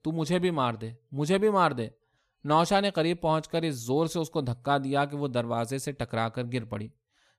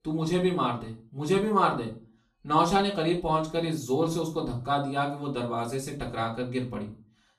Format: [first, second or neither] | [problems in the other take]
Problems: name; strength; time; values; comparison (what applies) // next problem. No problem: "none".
first | off-mic speech; far // room echo; slight; dies away in 0.3 s